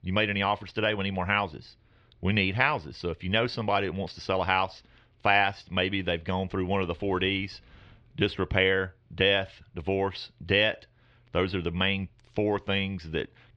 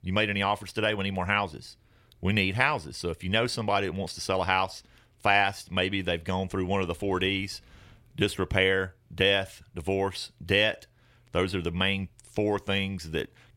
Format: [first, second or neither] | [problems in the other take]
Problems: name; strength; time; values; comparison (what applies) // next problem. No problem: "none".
second | muffled; very slightly; fading above 4.5 kHz